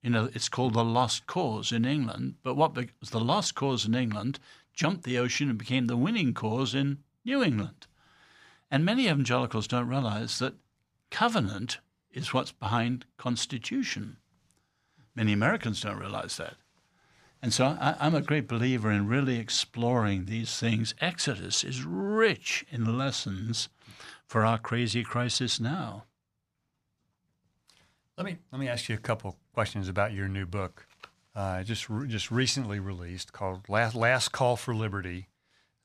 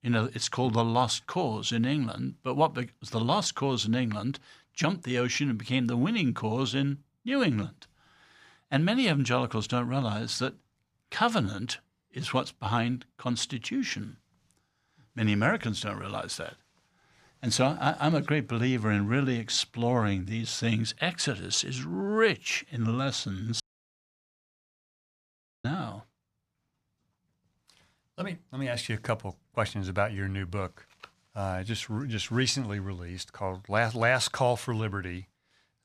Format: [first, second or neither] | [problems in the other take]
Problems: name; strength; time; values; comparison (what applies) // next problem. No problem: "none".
first | audio cutting out; at 24 s for 2 s